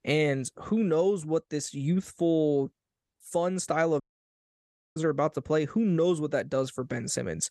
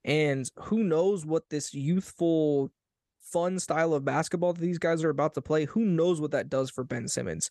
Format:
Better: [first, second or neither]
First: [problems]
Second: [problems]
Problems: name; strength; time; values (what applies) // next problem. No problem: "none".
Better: second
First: audio cutting out; at 4 s for 1 s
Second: none